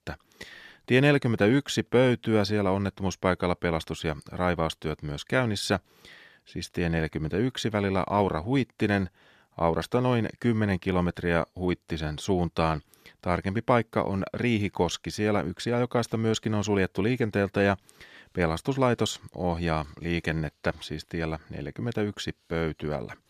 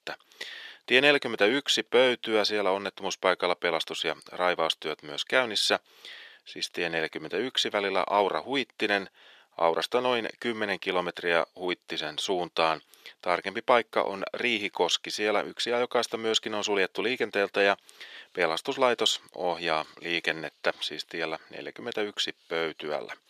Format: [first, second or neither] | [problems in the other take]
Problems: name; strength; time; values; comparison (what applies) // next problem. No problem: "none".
first | thin; somewhat; fading below 500 Hz